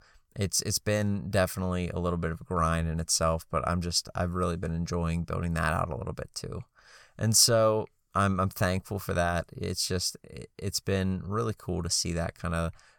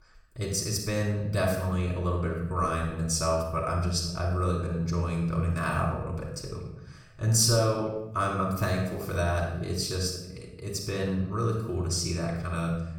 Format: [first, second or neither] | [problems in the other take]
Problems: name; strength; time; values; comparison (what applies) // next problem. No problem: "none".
first | off-mic speech; far // room echo; noticeable; dies away in 0.8 s